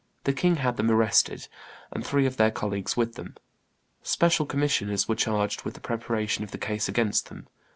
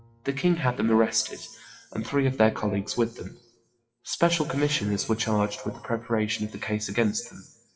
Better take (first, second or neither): first